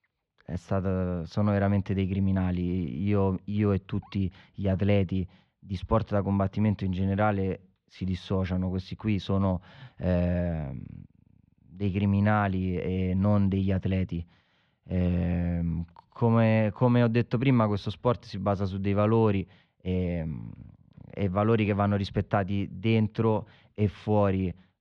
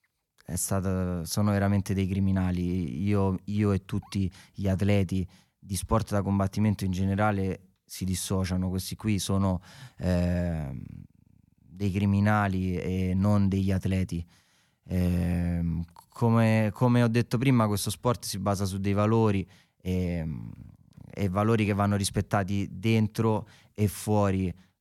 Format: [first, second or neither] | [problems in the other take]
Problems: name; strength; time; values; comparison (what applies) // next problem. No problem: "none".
second | muffled; slightly; fading above 3.5 kHz